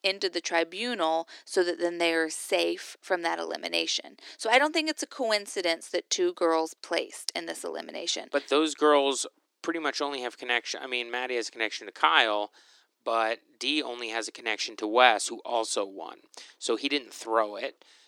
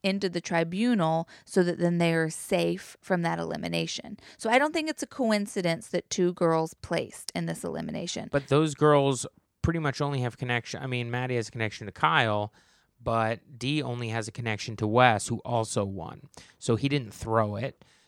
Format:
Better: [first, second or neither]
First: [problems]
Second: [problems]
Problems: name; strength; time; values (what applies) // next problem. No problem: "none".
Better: second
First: thin; somewhat; fading below 300 Hz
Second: none